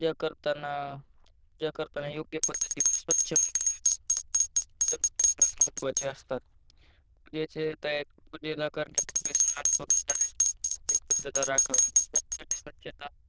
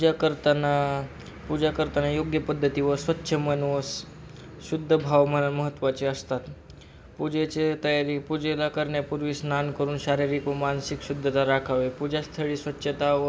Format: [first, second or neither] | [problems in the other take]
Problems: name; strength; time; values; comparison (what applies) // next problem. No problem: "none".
second | noise reduction (neural diffusion model UNIVERSE++)